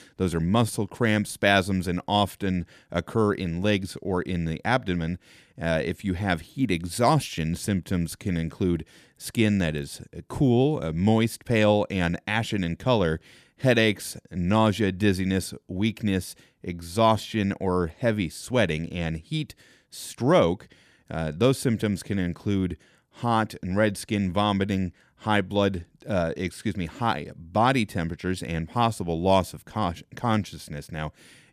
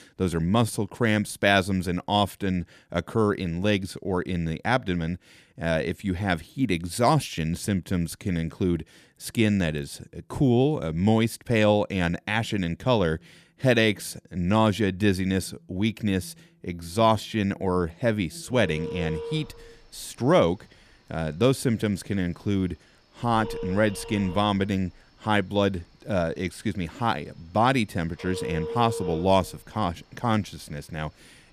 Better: first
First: none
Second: alarms or sirens; noticeable; throughout; 15 dB below the speech

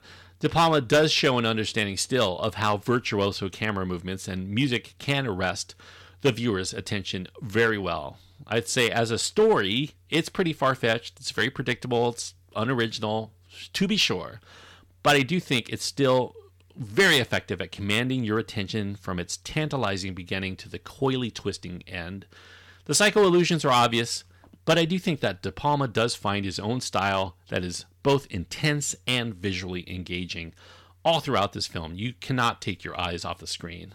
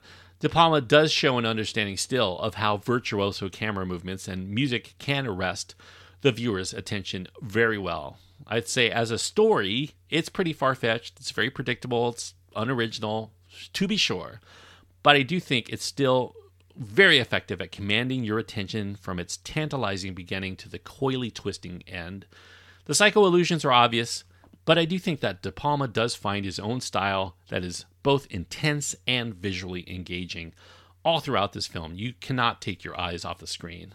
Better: second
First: distortion; slight; 1.6% of the sound clipped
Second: none

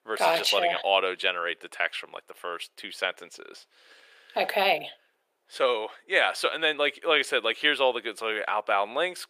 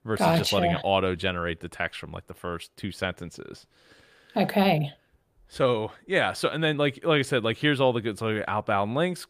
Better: second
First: thin; very; fading below 450 Hz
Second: none

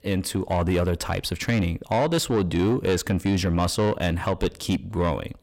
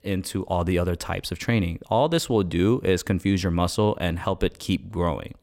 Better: second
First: distortion; slight; 10 dB below the speech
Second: none

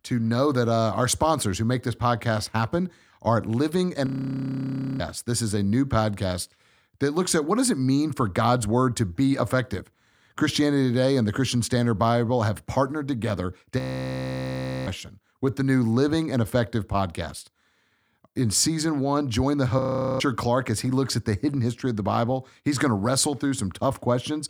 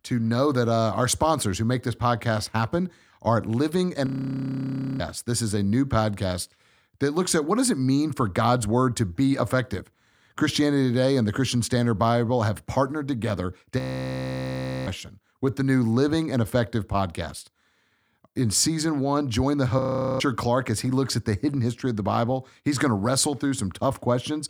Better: neither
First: audio freezing; at 4 s for 1 s, at 14 s for 1 s and at 20 s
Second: audio freezing; at 4 s for 1 s, at 14 s for 1 s and at 20 s

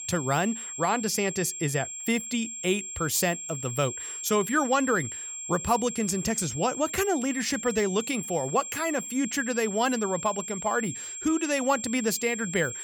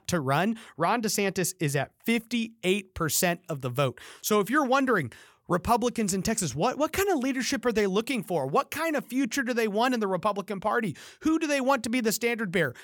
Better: second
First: high-pitched whine; loud; throughout; 7.5 kHz, 7 dB below the speech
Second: none

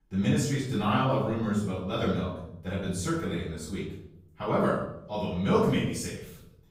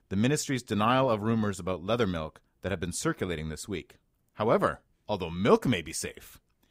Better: second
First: off-mic speech; far // room echo; noticeable; dies away in 0.7 s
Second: none

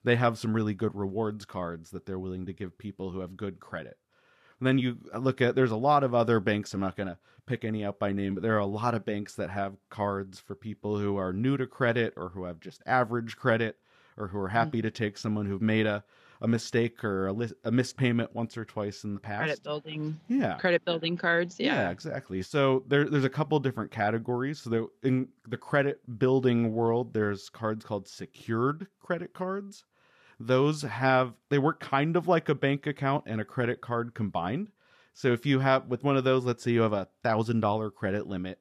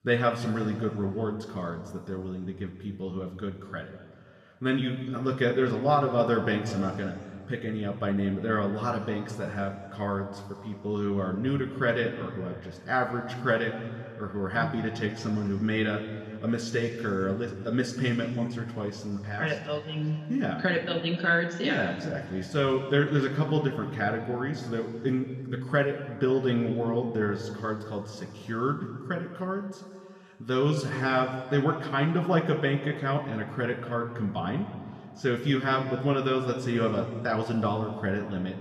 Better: first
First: none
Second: room echo; noticeable; dies away in 1.8 s // off-mic speech; somewhat distant

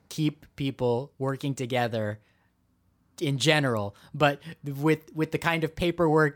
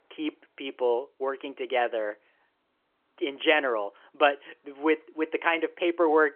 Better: first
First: none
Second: phone-call audio; nothing above 3.5 kHz

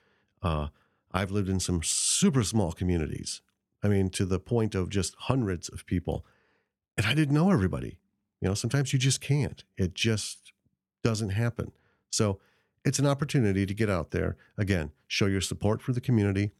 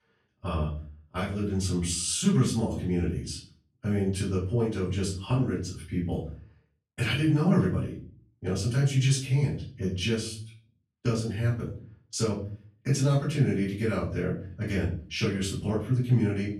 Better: first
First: none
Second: off-mic speech; far // room echo; slight; dies away in 0.4 s

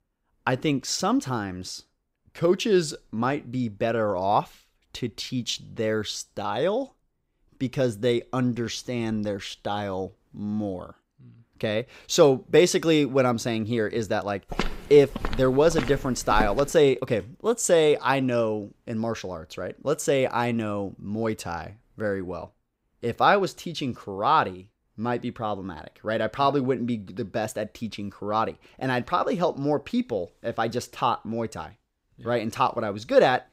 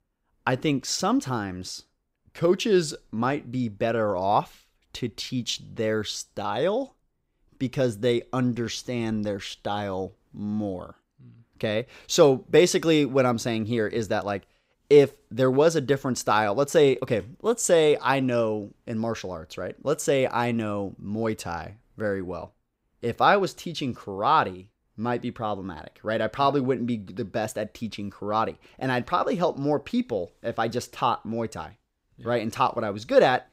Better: second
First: footsteps; noticeable; from 15 to 17 s; peak 6 dB below the speech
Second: none

